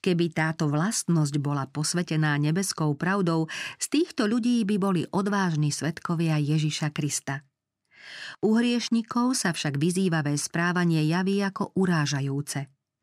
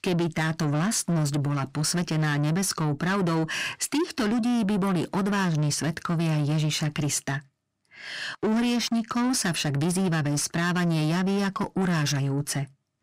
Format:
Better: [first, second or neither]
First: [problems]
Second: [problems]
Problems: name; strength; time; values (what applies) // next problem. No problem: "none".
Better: first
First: none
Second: distortion; slight; 9 dB below the speech